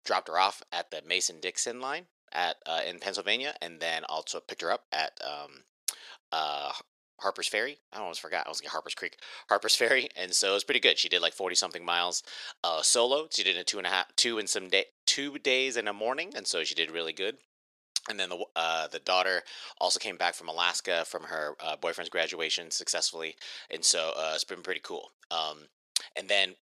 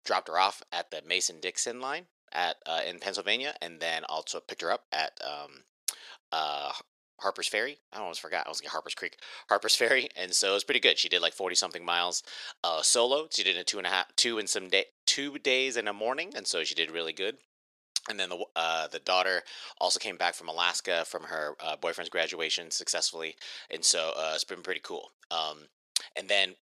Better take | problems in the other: neither | thin; very; fading below 400 Hz; the same in both

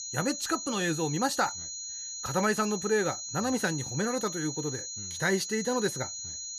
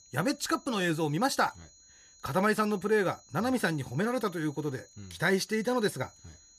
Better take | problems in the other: second | high-pitched whine; loud; throughout; 6.5 kHz, 5 dB below the speech; faint in the second

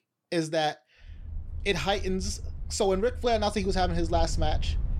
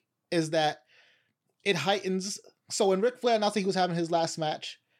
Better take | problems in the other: second | low rumble; faint; from 1 s on; 25 dB below the speech

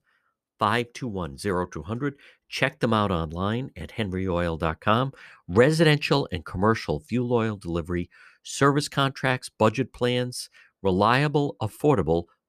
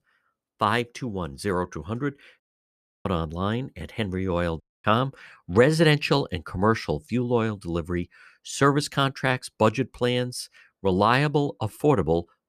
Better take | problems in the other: first | audio cutting out; at 2.5 s for 0.5 s and at 4.5 s

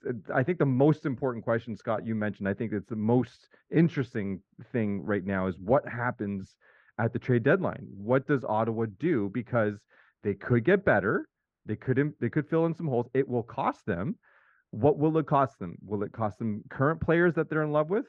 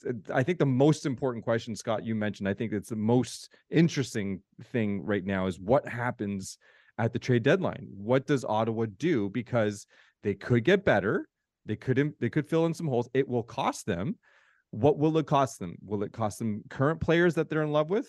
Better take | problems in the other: second | muffled; very; fading above 2 kHz

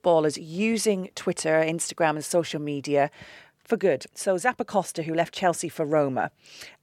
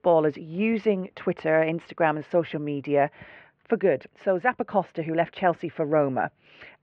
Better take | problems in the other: first | muffled; very; fading above 2.5 kHz

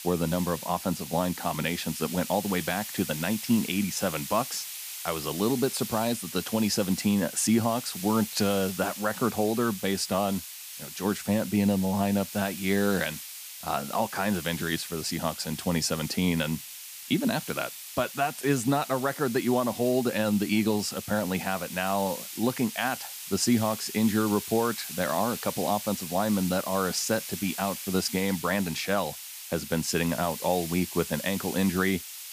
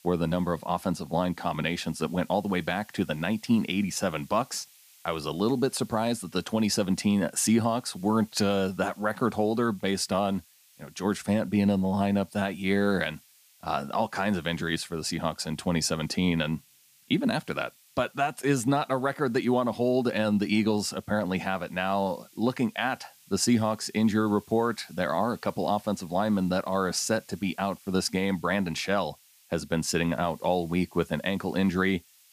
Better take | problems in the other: second | hiss; loud; throughout; 9 dB below the speech; faint in the second

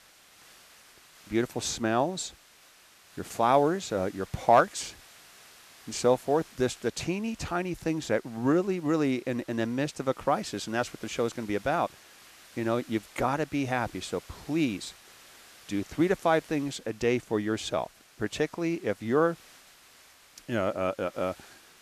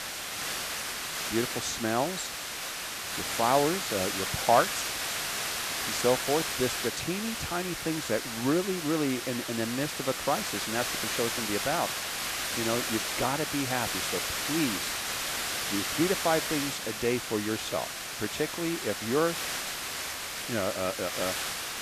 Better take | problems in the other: first | hiss; loud; throughout; 1 dB below the speech; faint in the first

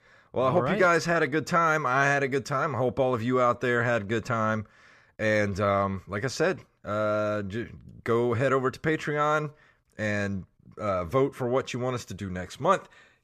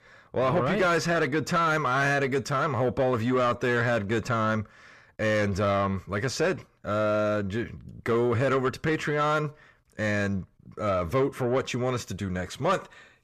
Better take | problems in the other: first | distortion; slight; 10 dB below the speech

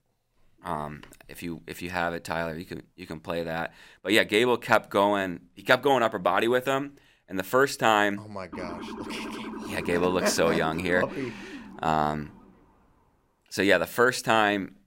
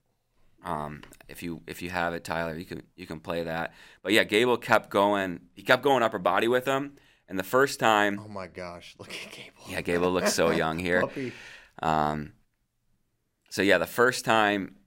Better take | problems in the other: second | siren; faint; from 8.5 to 13 s; peak 10 dB below the speech

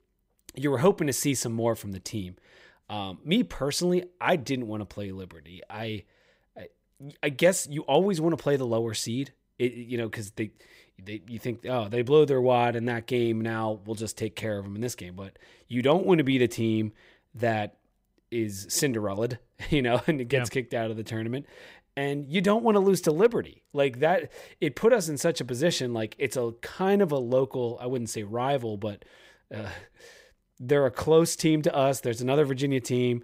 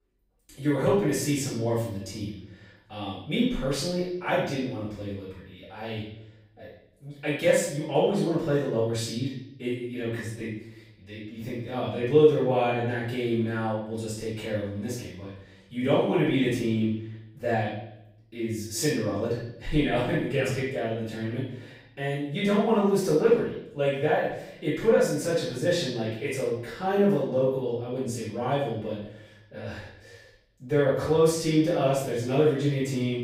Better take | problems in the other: first | off-mic speech; far // room echo; noticeable; dies away in 0.7 s

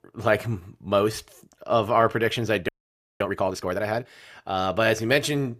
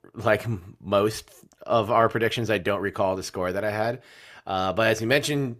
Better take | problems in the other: second | audio freezing; at 2.5 s for 0.5 s

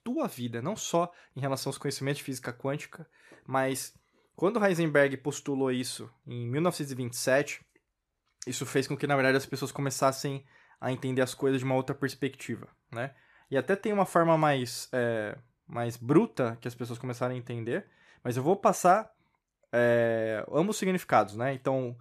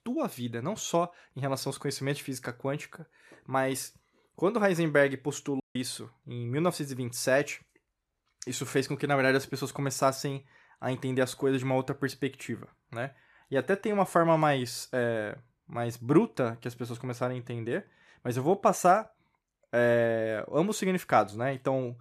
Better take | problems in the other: first | audio cutting out; at 5.5 s

